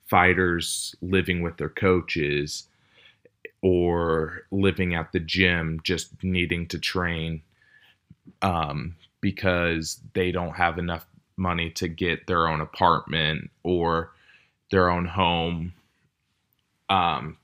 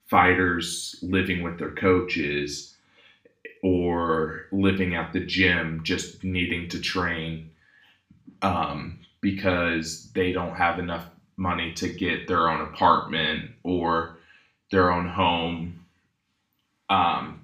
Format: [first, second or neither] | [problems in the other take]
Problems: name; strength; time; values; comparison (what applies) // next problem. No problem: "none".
first | room echo; slight; dies away in 0.4 s // off-mic speech; far